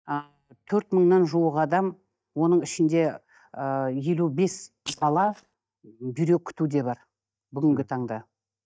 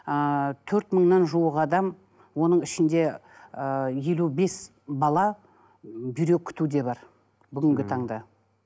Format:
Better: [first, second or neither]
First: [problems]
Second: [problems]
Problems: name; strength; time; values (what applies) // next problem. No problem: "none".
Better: second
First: noise reduction (neural mask model DeepFilterNet 3)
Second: none